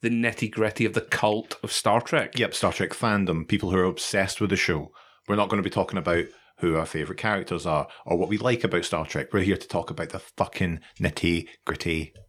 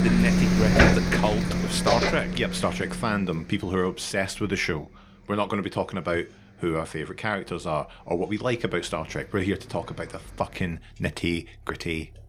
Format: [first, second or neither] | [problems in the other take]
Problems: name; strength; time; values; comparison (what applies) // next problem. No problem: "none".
first | traffic noise; very loud; throughout; 5 dB above the speech